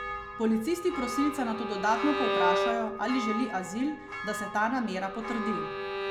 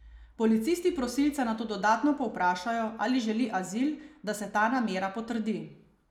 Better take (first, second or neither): second